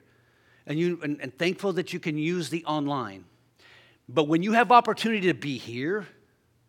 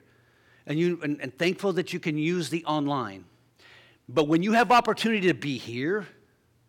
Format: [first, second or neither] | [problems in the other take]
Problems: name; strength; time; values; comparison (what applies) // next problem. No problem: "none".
first | distortion; slight; 0.7% of the sound clipped